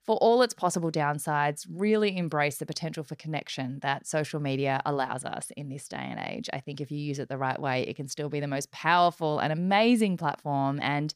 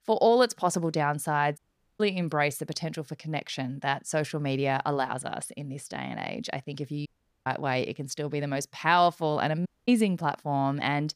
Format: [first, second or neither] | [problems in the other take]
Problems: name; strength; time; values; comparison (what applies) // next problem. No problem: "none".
first | audio cutting out; at 1.5 s, at 7 s and at 9.5 s